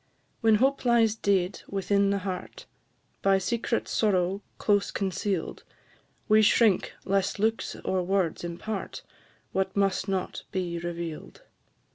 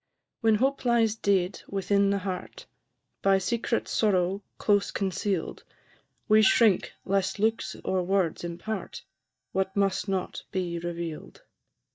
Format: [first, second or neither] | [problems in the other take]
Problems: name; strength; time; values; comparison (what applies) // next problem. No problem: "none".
first | noise reduction (neural mask model DeepFilterNet 3)